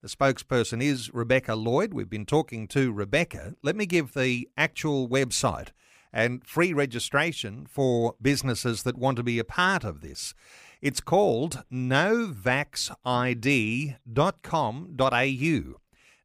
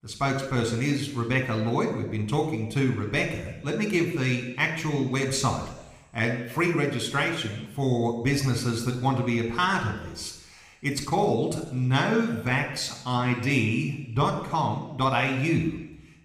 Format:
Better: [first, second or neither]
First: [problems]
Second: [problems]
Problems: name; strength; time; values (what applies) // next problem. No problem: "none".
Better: first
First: none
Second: room echo; slight; dies away in 0.9 s